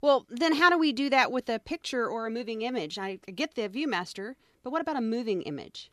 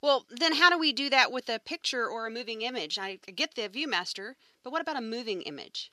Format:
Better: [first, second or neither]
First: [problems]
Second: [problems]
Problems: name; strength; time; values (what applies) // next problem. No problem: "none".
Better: first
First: none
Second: thin; very slightly; fading below 450 Hz